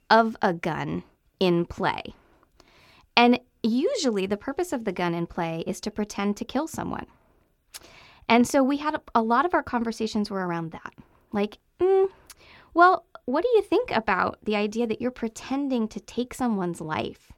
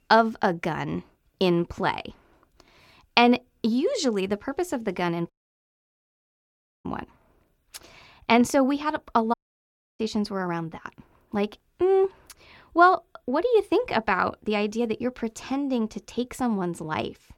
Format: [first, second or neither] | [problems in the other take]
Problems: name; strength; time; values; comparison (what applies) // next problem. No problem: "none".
first | audio cutting out; at 5.5 s for 1.5 s and at 9.5 s for 0.5 s